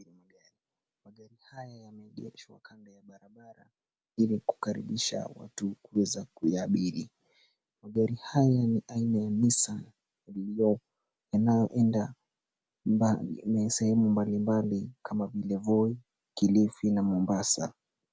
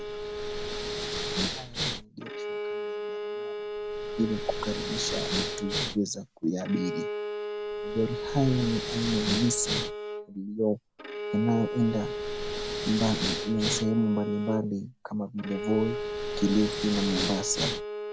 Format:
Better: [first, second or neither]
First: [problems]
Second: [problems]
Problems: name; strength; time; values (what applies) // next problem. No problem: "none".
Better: first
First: none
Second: background sound (Respiratory sounds + Bowed string instrument); 2 dB below the speech